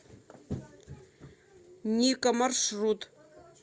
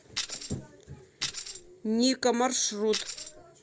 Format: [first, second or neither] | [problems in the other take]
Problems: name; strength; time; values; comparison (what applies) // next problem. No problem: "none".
first | background sound (Tambourine); 6 dB below the speech